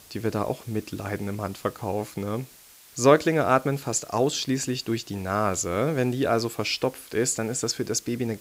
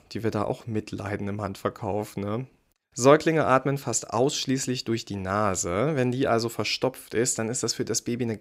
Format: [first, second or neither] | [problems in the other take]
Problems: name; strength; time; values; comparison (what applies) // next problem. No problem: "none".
second | hiss; faint; throughout; 25 dB below the speech